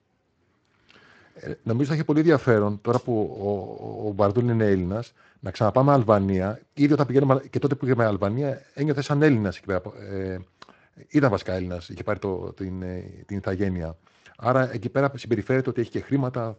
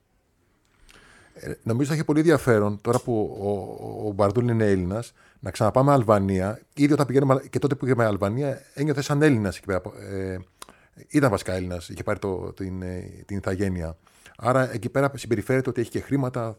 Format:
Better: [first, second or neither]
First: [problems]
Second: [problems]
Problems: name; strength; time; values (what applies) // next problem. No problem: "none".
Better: second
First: garbled, watery; slightly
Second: none